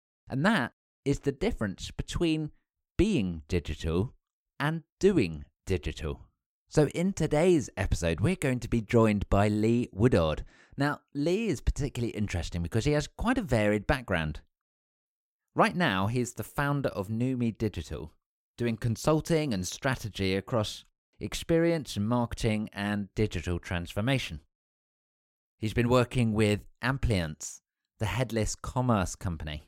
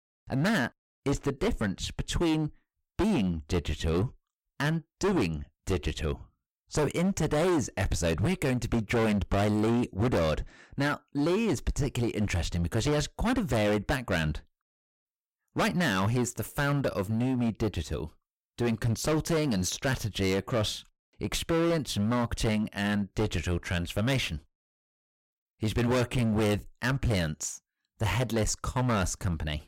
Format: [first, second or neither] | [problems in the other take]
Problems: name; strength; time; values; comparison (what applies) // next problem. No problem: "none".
first | distortion; heavy; 16% of the sound clipped